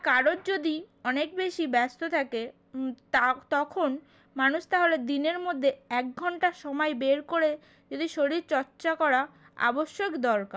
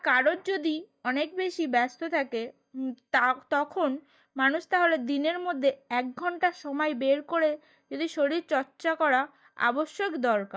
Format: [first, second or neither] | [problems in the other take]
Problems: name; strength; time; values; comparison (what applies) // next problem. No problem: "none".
first | noise reduction (neural mask model DeepFilterNet 3)